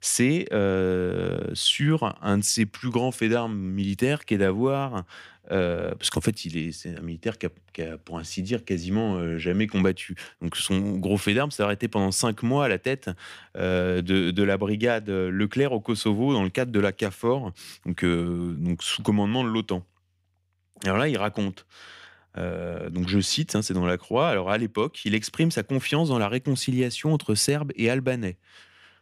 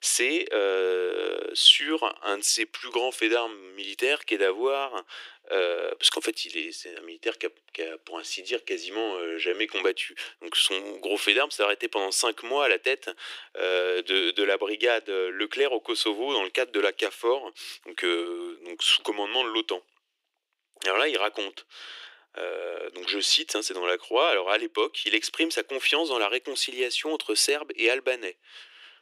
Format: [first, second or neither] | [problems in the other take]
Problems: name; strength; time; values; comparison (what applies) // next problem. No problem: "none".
first | thin; very; fading below 300 Hz